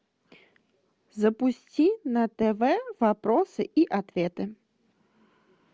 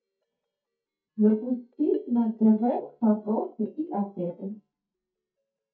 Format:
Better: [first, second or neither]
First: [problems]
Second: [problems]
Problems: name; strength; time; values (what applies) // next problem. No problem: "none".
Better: first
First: none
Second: noise reduction (neural mask model DeepFilterNet 3)